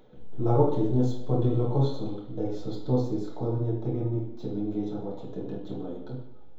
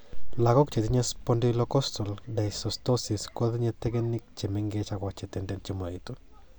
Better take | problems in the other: second | room echo; dies away in 2 s

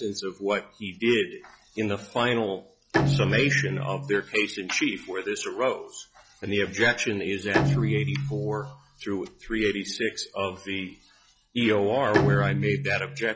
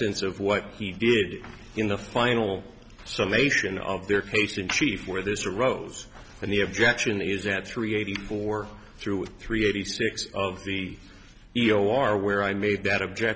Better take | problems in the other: second | noise reduction (classical method log-MMSE)

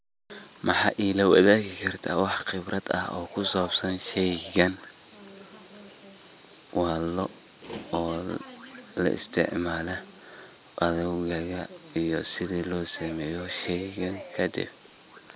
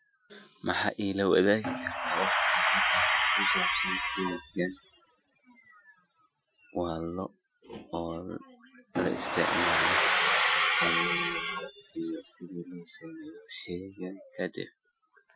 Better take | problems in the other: first | noise reduction (classical method Wiener filter)

